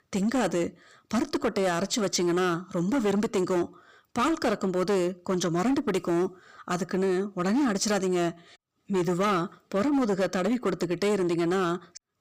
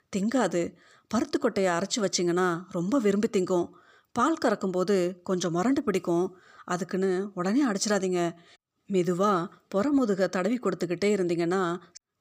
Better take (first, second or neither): second